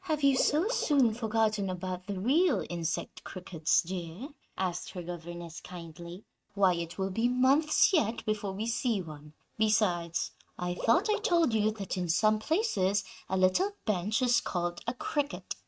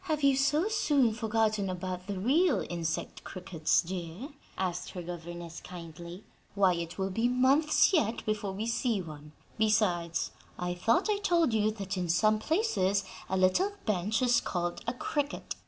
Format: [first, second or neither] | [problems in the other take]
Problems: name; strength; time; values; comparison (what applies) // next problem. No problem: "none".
second | noise reduction (neural mask model RNNoise)